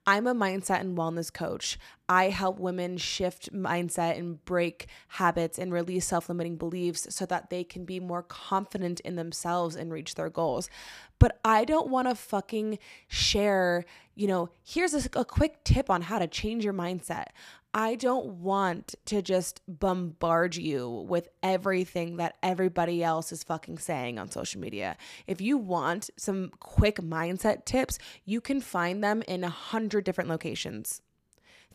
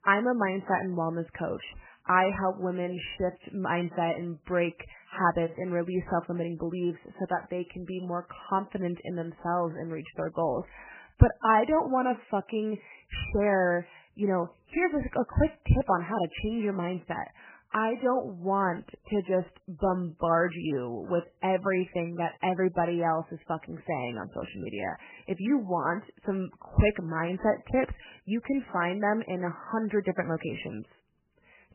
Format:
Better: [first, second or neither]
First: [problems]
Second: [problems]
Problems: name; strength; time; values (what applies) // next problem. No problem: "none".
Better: first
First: none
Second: garbled, watery; badly; nothing above 3 kHz